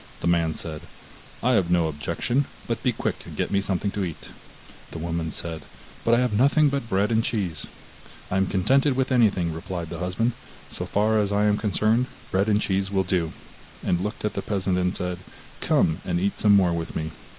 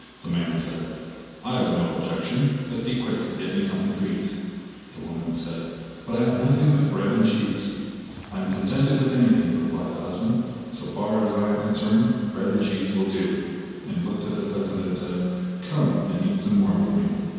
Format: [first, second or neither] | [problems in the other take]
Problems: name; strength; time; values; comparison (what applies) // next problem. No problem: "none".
first | background sound (Walk, footsteps); 19 dB below the speech // room echo; dies away in 2.1 s